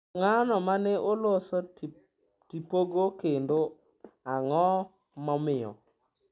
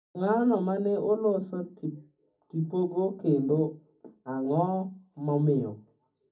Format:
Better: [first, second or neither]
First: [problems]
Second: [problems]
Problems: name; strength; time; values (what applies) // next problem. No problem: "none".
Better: first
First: none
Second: room echo; dies away in 0.4 s